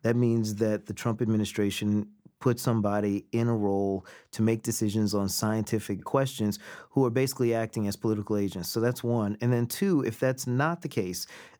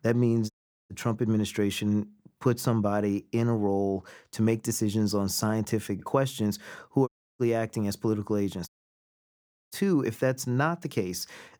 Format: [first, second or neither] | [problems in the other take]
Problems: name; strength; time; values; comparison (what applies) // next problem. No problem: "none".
first | audio cutting out; at 0.5 s, at 7 s and at 8.5 s for 1 s